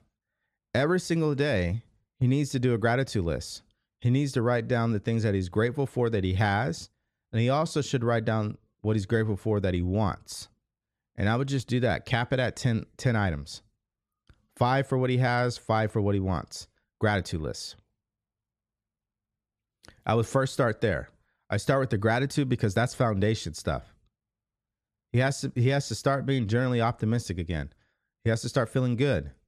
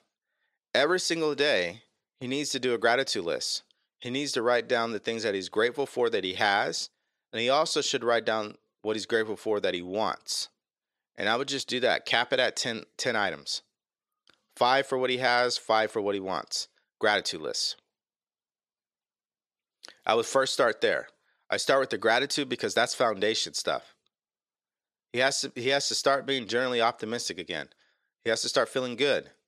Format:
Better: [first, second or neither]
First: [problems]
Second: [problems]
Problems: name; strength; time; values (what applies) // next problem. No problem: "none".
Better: first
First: none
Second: thin; somewhat; fading below 450 Hz